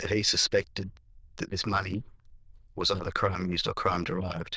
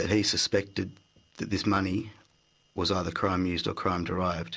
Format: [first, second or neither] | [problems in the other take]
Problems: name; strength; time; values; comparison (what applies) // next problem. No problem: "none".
second | noise reduction (neural diffusion model UNIVERSE++)